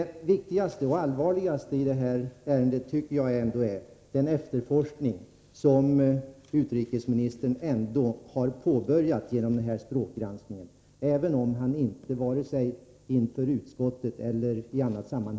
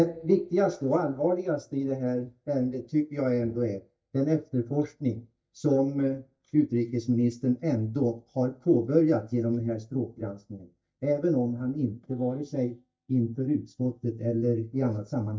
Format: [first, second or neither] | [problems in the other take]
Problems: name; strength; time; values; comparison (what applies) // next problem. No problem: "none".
first | noise reduction (neural mask model DeepFilterNet 3)